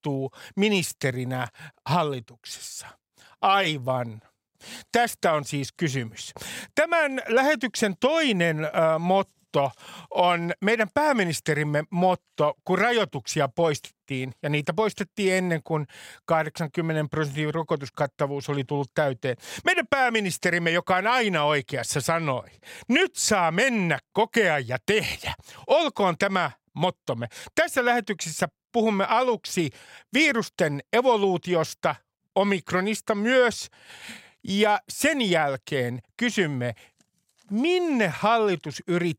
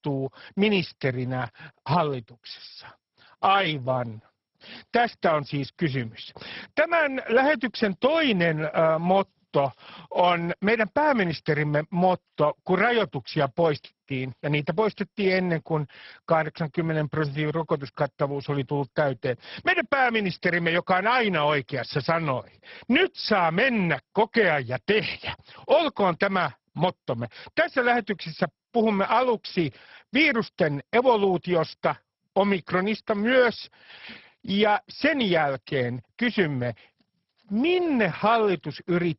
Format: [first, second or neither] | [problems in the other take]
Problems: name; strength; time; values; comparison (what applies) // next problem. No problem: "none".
first | garbled, watery; badly; nothing above 5.5 kHz